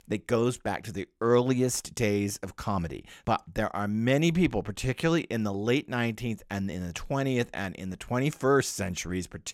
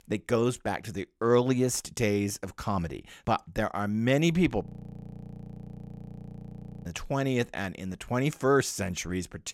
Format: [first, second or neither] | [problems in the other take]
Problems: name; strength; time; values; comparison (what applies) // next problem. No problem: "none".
first | audio freezing; at 4.5 s for 2 s